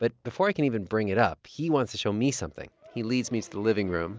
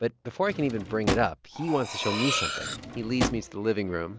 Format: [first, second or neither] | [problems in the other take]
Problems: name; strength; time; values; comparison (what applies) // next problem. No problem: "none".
first | background sound (Cutlery, silverware + Drawer open or close); 3 dB below the speech